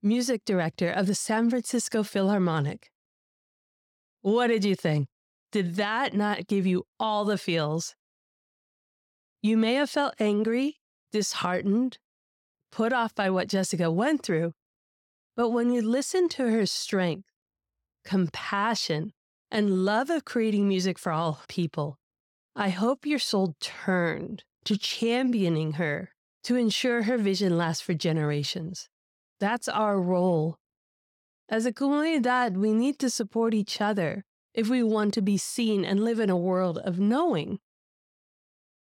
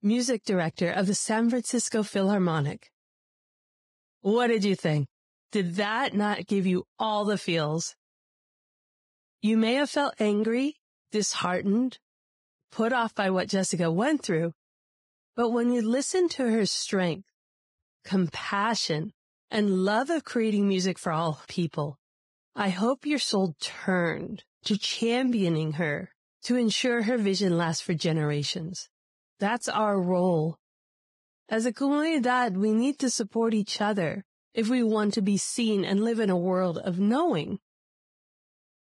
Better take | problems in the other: first | garbled, watery; badly; nothing above 10 kHz

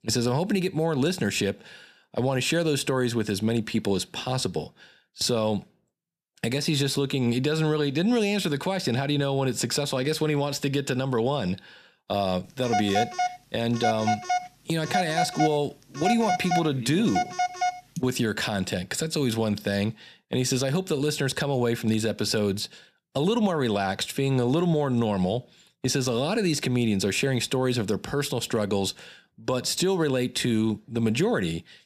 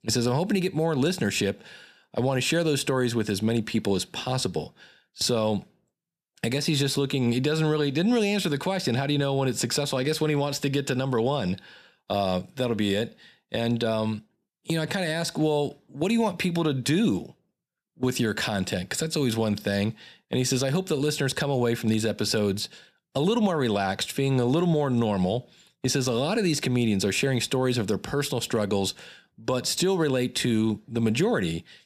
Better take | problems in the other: second | phone ringing; noticeable; from 13 to 18 s; peak 1 dB below the speech

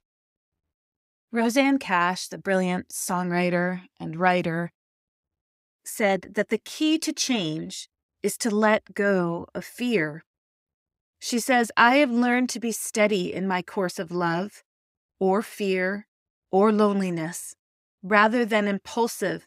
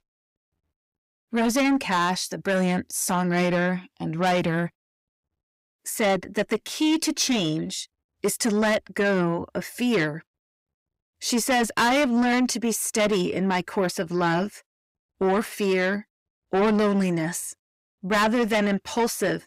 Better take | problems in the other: first | distortion; heavy; 8 dB below the speech

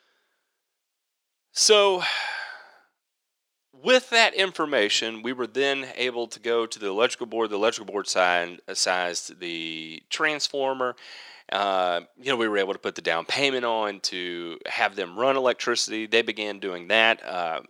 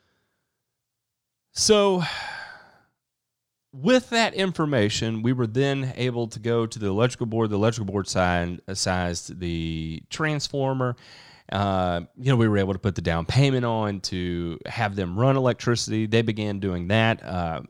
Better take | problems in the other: second | thin; very; fading below 350 Hz

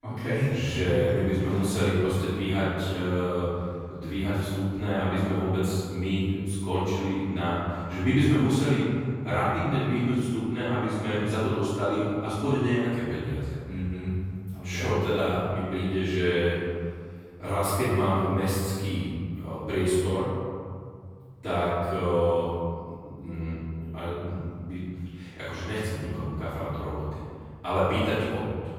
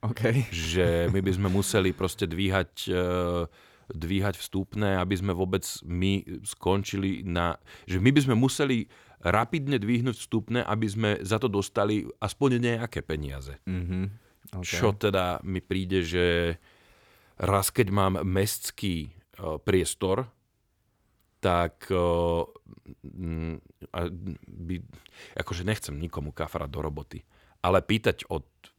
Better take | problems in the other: second | off-mic speech; far // room echo; strong; dies away in 2 s

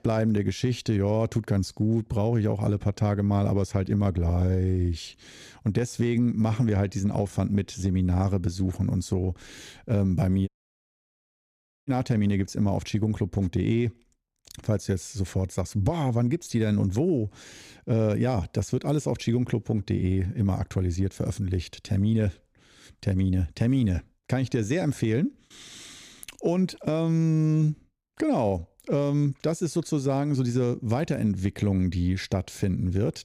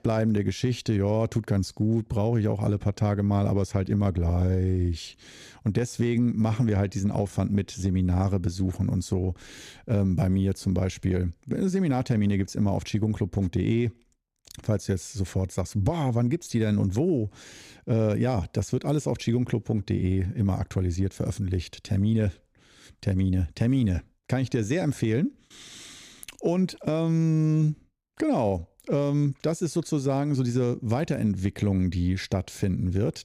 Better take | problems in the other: second | audio cutting out; at 10 s for 1.5 s

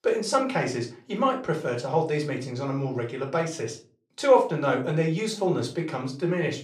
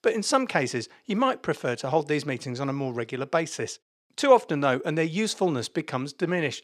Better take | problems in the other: second | off-mic speech; somewhat distant // room echo; slight; dies away in 0.3 s

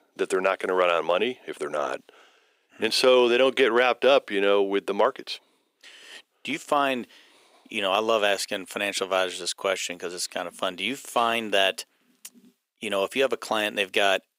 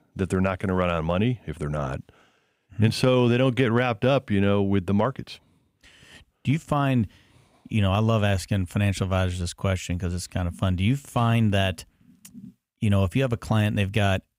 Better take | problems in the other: second | thin; very; fading below 350 Hz

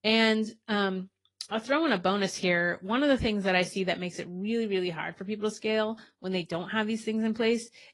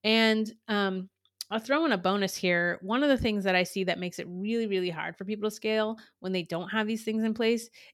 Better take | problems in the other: second | garbled, watery; slightly

